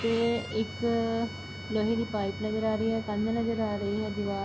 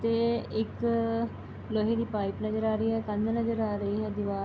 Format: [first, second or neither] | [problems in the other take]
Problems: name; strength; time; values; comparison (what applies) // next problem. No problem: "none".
second | background sound (Bowed string instrument); 15 dB below the speech